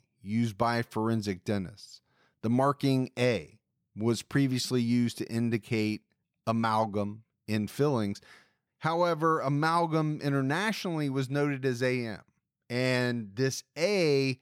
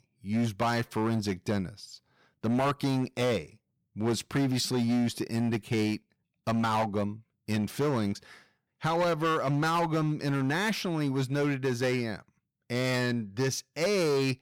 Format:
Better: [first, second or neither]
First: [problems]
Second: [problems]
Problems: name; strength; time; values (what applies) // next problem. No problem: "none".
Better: first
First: none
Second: distortion; slight; 12% of the sound clipped